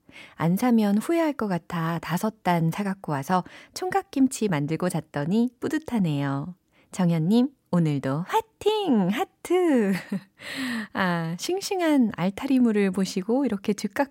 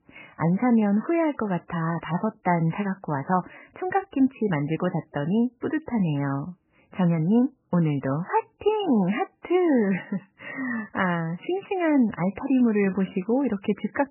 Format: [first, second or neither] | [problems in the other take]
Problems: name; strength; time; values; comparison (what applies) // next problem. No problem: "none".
first | garbled, watery; badly; nothing above 3 kHz